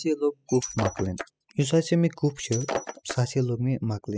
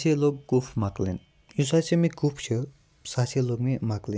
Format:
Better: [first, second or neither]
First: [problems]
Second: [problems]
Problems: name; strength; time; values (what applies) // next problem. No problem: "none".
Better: second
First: noise reduction (classical method spectral subtraction)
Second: none